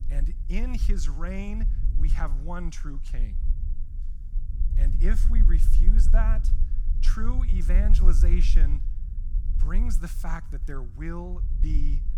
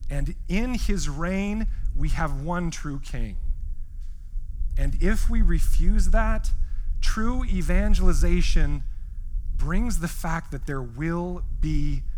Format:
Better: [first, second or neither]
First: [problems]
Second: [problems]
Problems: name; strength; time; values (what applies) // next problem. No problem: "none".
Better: second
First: low rumble; loud; throughout; 10 dB below the speech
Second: low rumble; faint; throughout; 25 dB below the speech